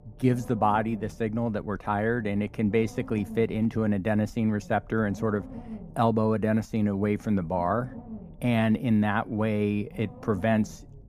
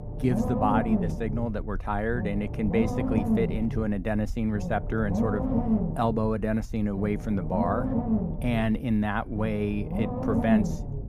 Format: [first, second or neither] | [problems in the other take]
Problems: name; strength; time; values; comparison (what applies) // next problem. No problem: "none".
first | low rumble; loud; throughout; 4 dB below the speech; faint in the first